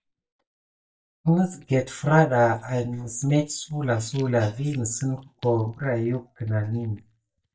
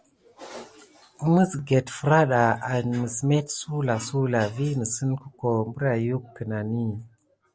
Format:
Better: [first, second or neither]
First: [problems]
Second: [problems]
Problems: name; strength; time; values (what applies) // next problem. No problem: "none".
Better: second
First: noise reduction (neural mask model DeepFilterNet 3)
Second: none